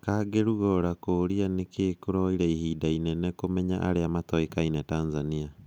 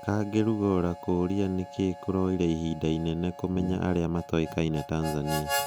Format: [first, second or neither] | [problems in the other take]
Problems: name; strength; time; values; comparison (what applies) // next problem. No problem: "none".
first | background sound (Brass instrument + Harmonica); 11 dB below the speech